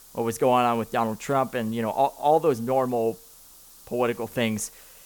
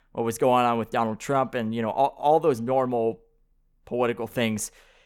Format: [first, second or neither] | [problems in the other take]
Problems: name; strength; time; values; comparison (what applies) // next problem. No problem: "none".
second | hiss; faint; throughout; 20 dB below the speech